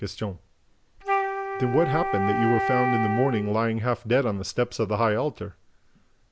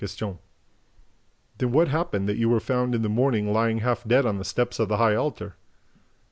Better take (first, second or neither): second